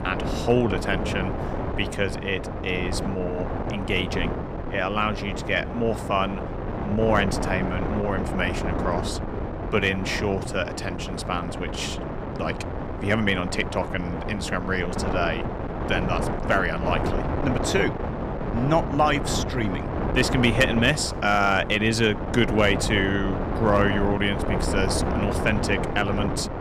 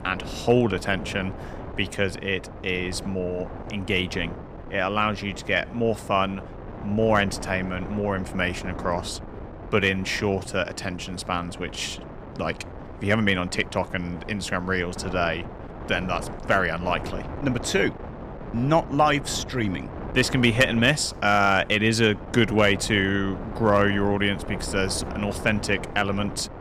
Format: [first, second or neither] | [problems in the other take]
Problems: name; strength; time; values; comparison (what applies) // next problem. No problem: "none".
second | wind noise on the microphone; heavy; 6 dB below the speech; occasional gusts in the second